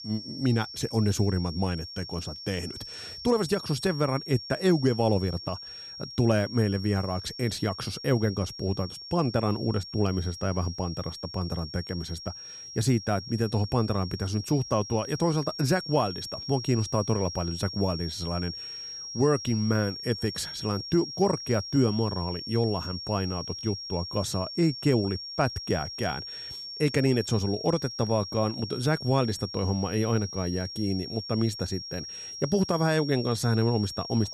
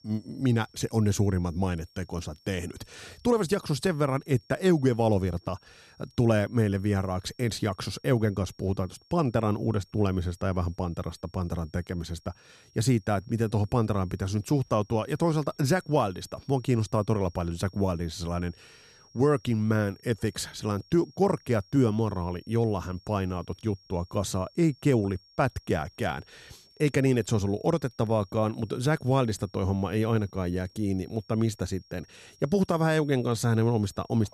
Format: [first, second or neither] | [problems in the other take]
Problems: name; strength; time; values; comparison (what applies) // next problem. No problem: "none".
second | high-pitched whine; loud; throughout; 5.5 kHz, 9 dB below the speech; faint in the second